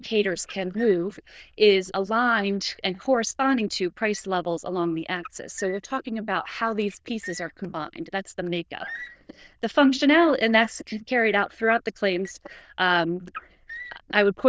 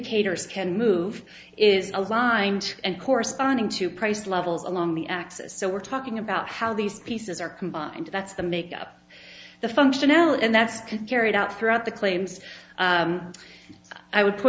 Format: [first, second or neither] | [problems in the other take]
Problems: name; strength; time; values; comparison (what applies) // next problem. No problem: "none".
second | noise reduction (neural diffusion model UNIVERSE++)